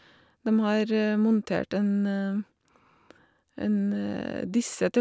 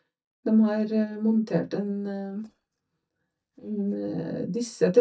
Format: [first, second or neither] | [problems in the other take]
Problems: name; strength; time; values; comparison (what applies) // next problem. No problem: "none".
first | noise reduction (neural mask model DeepFilterNet 3)